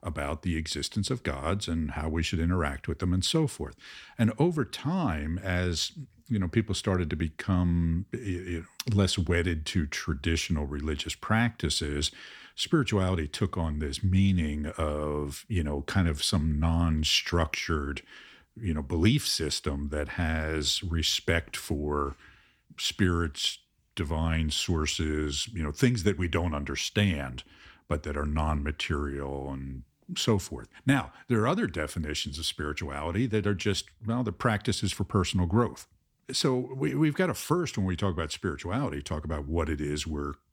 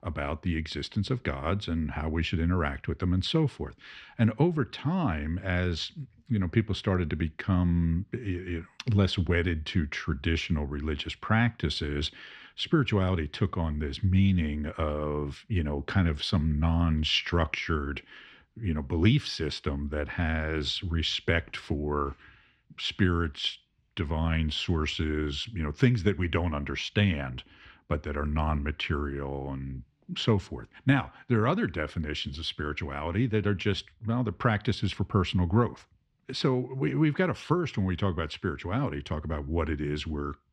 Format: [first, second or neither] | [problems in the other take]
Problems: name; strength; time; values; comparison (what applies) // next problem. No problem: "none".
first | muffled; very slightly; fading above 3 kHz